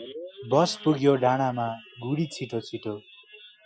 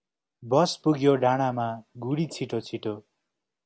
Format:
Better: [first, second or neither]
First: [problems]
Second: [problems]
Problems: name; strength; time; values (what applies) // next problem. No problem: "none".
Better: second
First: noise reduction (classical method Wiener filter)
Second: none